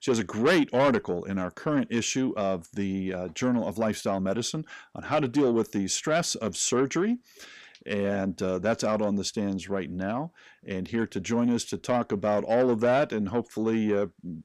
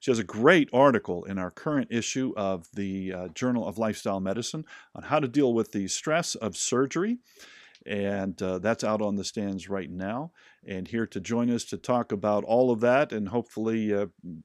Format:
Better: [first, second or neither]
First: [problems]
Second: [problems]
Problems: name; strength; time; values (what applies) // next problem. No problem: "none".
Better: second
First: distortion; slight; 10 dB below the speech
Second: none